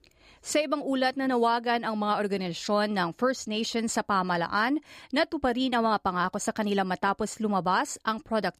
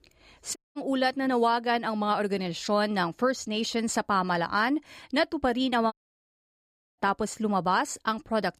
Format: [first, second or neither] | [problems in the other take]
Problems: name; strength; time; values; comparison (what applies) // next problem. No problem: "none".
first | audio cutting out; at 0.5 s and at 6 s for 1 s